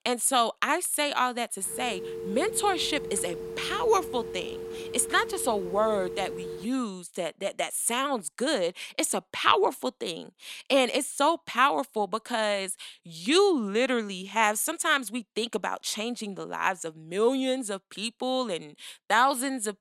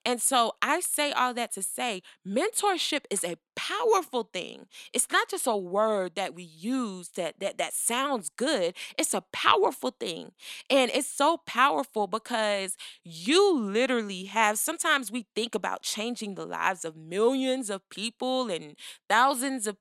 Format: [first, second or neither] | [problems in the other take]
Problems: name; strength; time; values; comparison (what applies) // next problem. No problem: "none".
second | phone ringing; noticeable; from 1.5 to 6.5 s; peak 9 dB below the speech